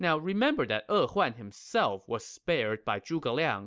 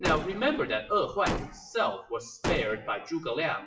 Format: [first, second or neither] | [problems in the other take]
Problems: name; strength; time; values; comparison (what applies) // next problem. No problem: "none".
first | noise reduction (classical method WPE with log-MMSE)